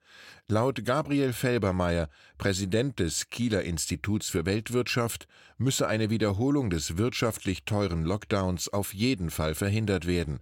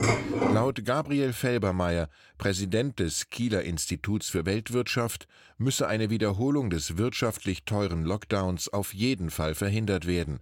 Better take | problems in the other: first | clattering dishes; loud; at the start; peak 2 dB above the speech

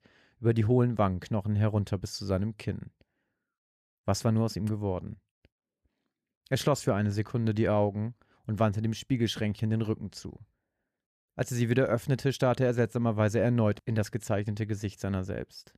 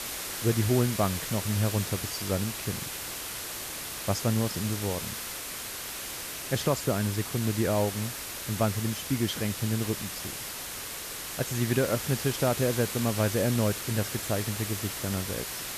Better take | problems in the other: first | hiss; loud; throughout; 4 dB below the speech

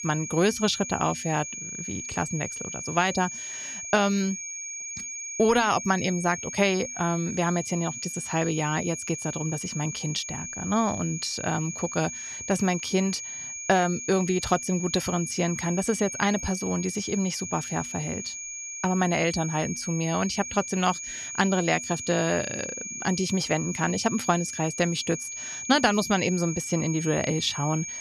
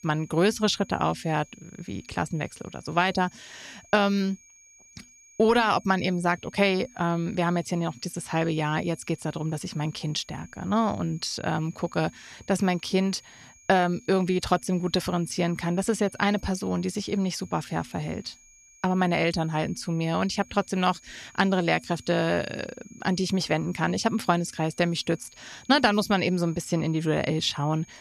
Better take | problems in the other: second | high-pitched whine; loud; throughout; 6.5 kHz, 7 dB below the speech; faint in the second

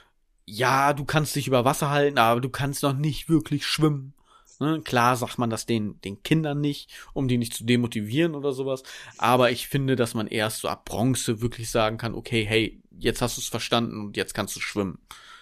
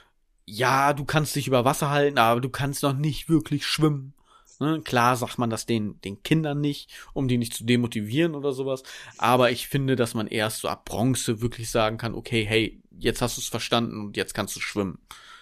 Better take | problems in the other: neither | none

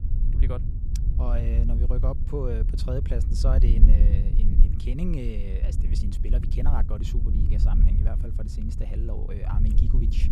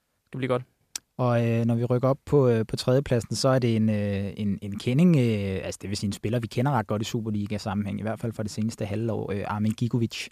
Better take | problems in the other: second | wind noise on the microphone; heavy; 4 dB below the speech

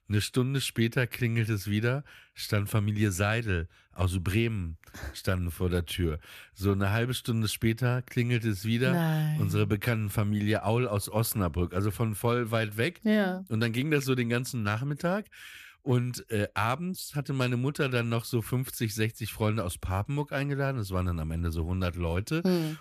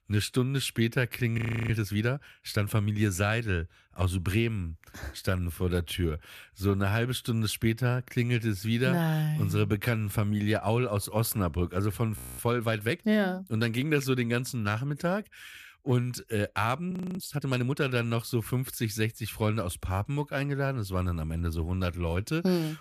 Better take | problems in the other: first | audio freezing; at 1.5 s, at 12 s and at 17 s

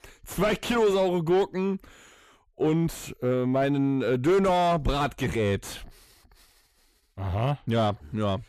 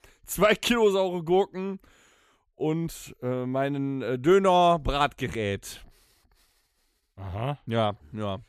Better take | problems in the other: second | distortion; heavy; 6 dB below the speech

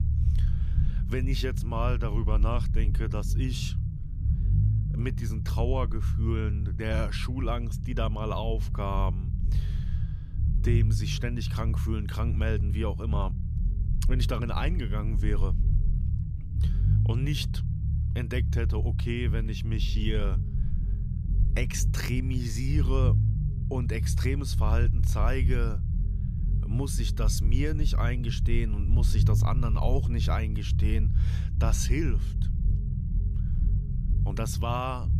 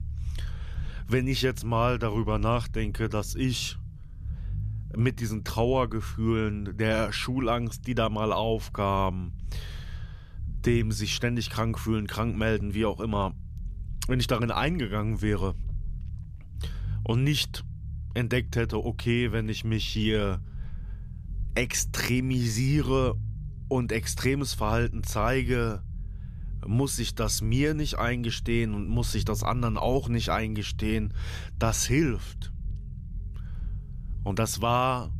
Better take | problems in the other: second | low rumble; loud; throughout; 8 dB below the speech; faint in the second

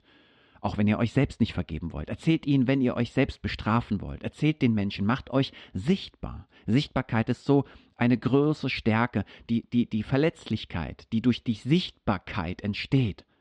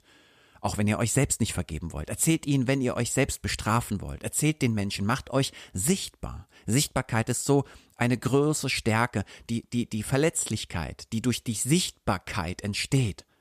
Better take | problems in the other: second | muffled; slightly; fading above 4 kHz

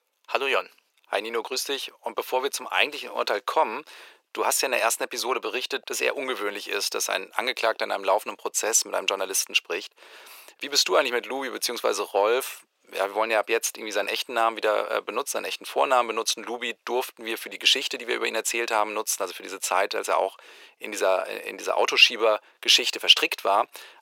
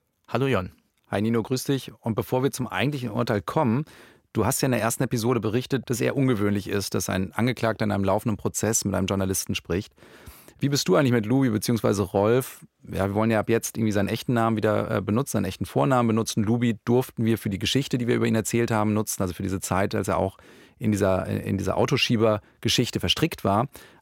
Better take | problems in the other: second | thin; very; fading below 450 Hz

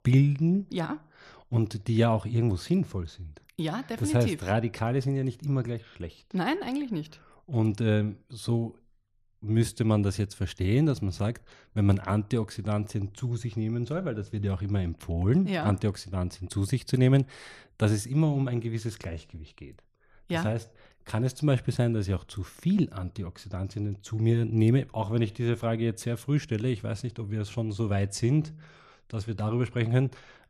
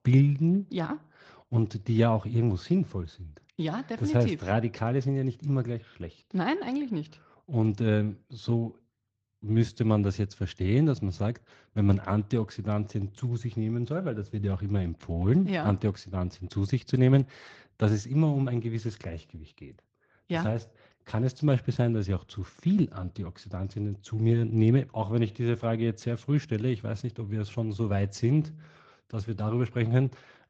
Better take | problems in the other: first | garbled, watery; slightly

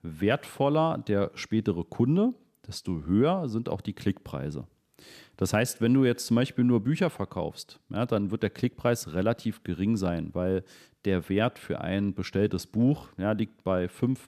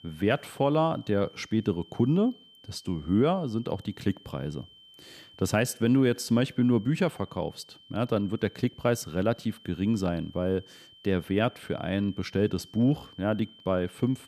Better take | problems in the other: first | high-pitched whine; faint; throughout; 3 kHz, 25 dB below the speech

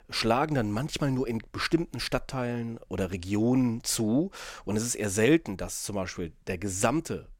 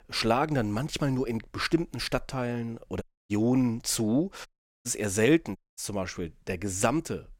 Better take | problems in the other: first | audio cutting out; at 3 s, at 4.5 s and at 5.5 s

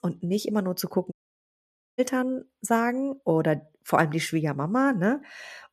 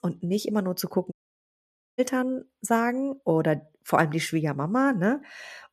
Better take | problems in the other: neither | audio cutting out; at 1 s for 1 s; the same in both

